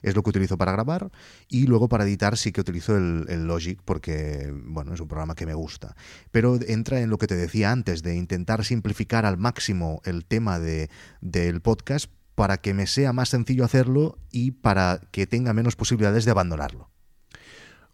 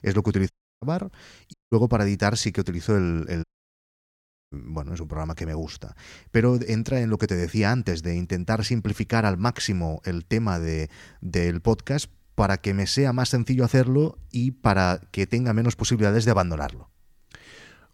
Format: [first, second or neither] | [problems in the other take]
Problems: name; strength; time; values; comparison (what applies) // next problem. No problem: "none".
first | audio cutting out; at 0.5 s, at 1.5 s and at 3.5 s for 1 s